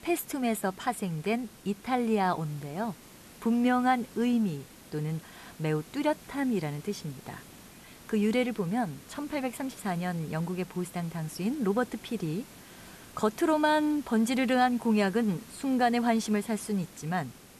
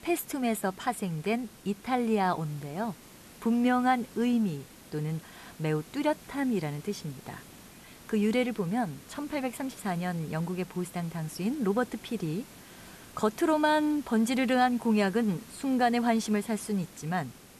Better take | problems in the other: neither | hiss; noticeable; throughout; 20 dB below the speech; the same in both

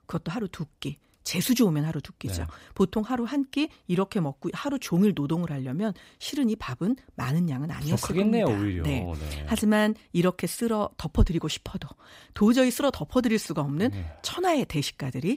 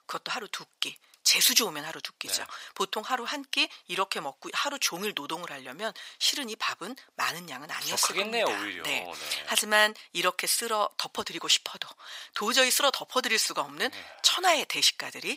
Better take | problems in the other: first | thin; very; fading below 900 Hz

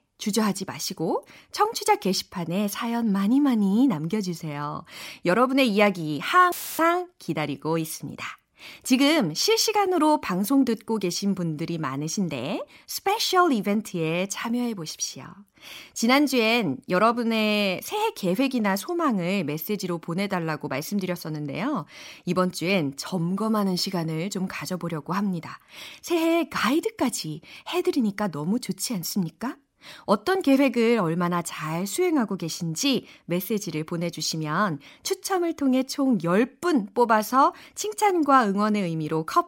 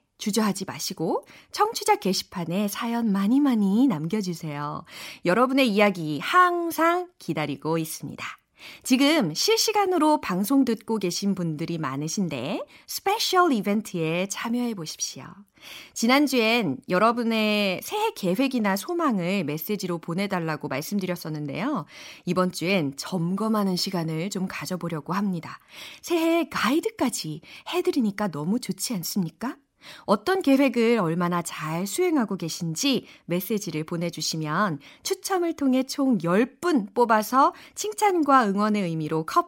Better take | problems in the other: second | audio cutting out; filled with static; at 6.5 s

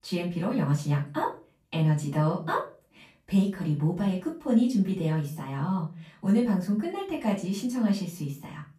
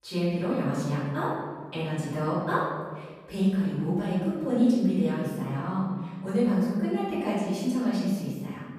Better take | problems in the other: first | room echo; strong; dies away in 1.6 s; slight in the first // off-mic speech; far; far in the first

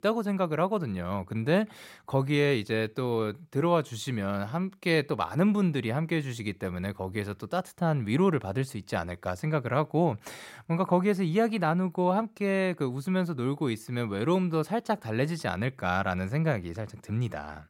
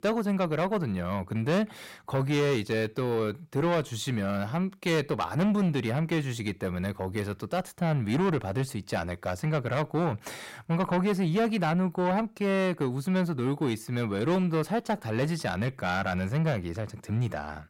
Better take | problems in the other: first | distortion; slight; 10 dB below the speech

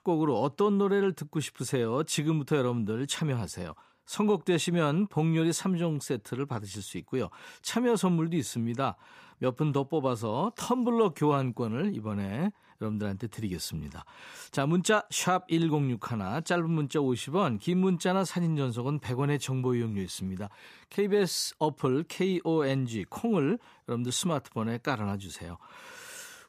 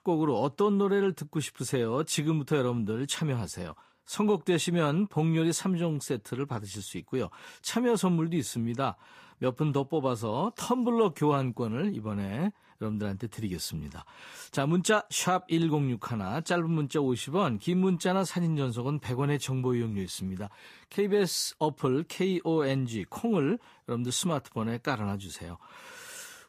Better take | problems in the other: first | garbled, watery; slightly; nothing above 14.5 kHz

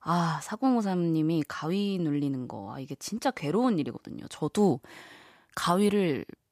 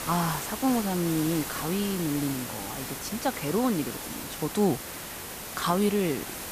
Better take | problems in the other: first | hiss; loud; throughout; 6 dB below the speech

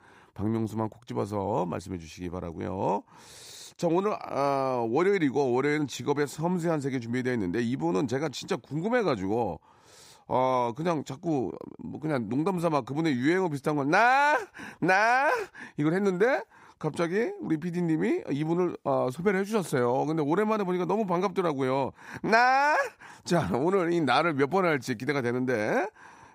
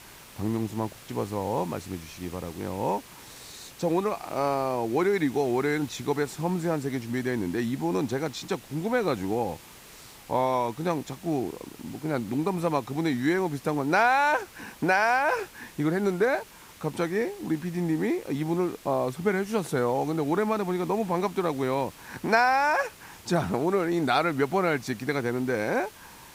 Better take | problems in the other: first | hiss; faint; throughout; 20 dB below the speech

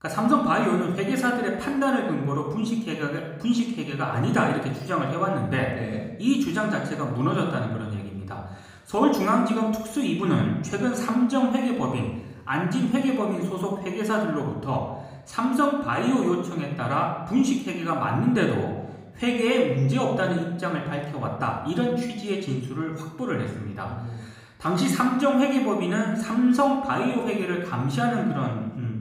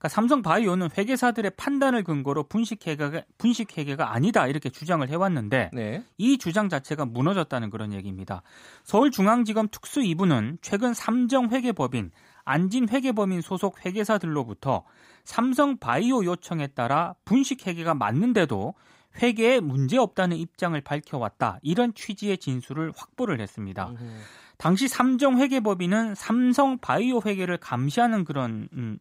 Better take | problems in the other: second | off-mic speech; somewhat distant // room echo; noticeable; dies away in 0.8 s

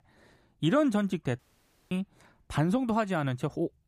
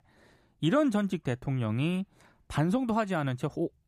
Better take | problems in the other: second | audio cutting out; at 1.5 s for 0.5 s

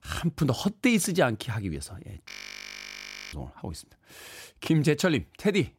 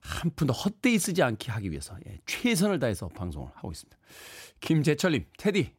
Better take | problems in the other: second | audio freezing; at 2.5 s for 1 s

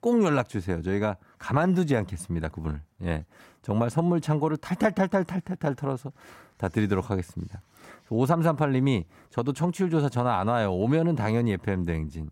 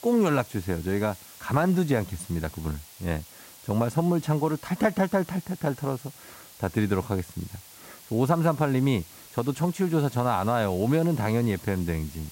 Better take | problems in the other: first | hiss; noticeable; throughout; 20 dB below the speech

